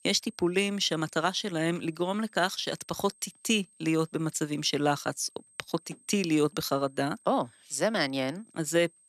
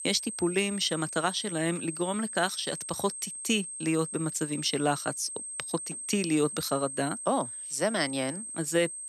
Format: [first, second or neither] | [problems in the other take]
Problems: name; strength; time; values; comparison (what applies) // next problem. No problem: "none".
first | high-pitched whine; loud; throughout; 8.5 kHz, 6 dB below the speech; faint in the first